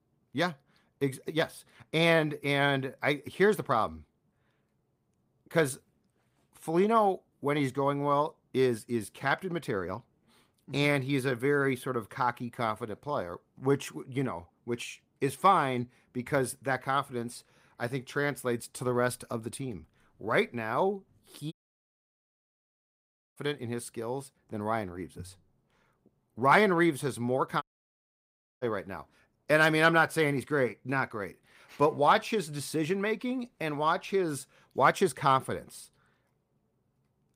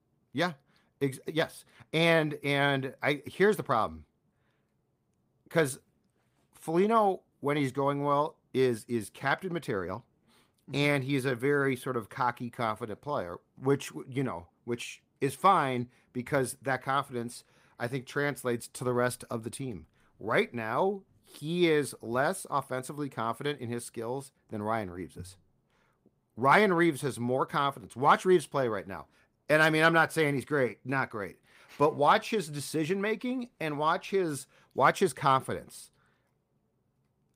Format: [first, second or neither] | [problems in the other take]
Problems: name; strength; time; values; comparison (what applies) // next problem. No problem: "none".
second | audio cutting out; at 22 s for 2 s and at 28 s for 1 s